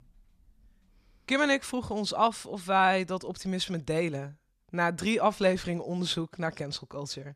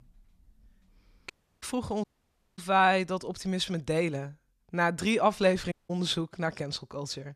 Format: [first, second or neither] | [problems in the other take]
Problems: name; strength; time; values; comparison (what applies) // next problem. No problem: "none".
first | audio cutting out; at 1.5 s, at 2 s for 0.5 s and at 5.5 s